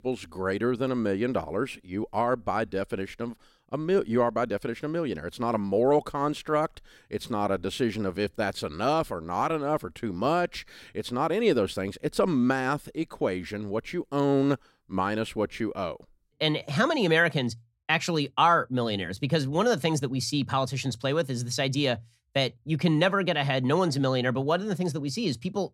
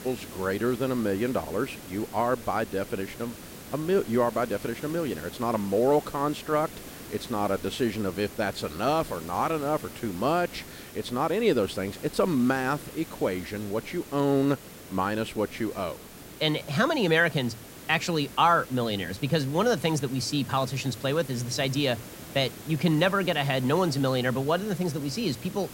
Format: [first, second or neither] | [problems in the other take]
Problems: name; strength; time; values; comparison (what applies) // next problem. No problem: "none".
first | hiss; noticeable; throughout; 15 dB below the speech